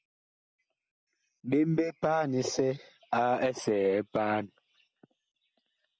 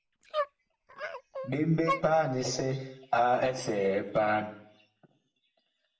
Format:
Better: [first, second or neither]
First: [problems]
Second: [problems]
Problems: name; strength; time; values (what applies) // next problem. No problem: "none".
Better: first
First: none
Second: background sound (Dog); 8 dB below the speech // room echo; dies away in 0.6 s